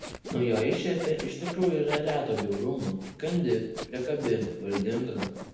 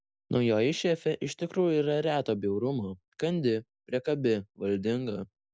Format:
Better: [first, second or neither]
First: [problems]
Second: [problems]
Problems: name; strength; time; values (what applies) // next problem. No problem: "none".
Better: second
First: background sound (Sawing); 11 dB below the speech // room echo; dies away in 0.9 s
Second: none